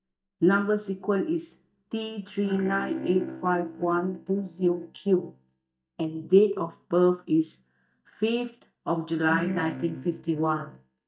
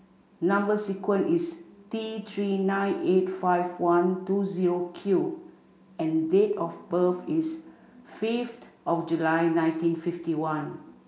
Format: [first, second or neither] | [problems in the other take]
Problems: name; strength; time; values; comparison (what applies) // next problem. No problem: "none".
second | noise reduction (neural mask model DeepFilterNet 3)